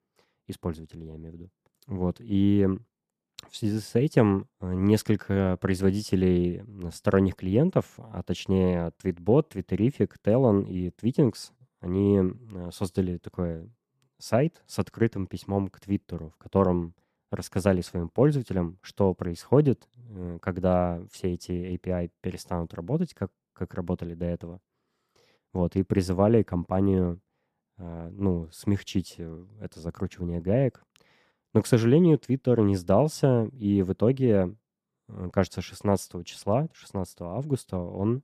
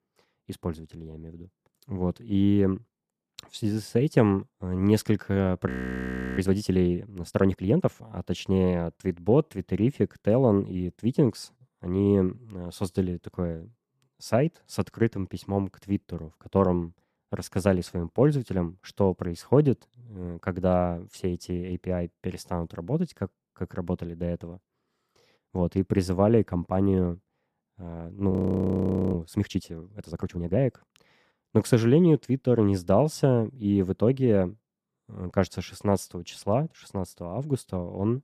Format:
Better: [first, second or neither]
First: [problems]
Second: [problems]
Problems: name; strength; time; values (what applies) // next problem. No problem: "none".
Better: first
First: none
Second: audio freezing; at 5.5 s for 0.5 s and at 28 s for 1 s